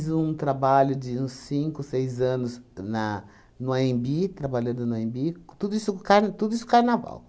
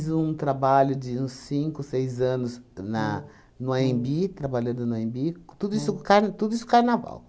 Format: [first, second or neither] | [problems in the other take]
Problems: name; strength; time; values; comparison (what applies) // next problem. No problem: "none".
first | background sound (Brass instrument); 12 dB below the speech